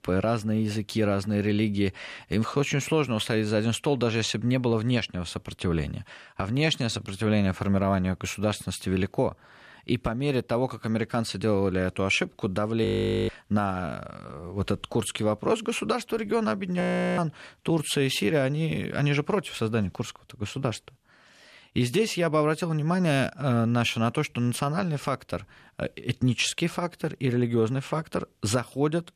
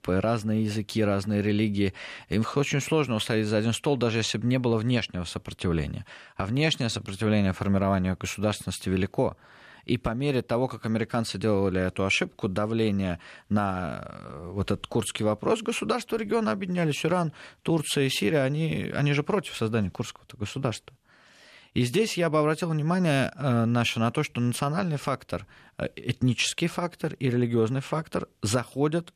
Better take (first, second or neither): second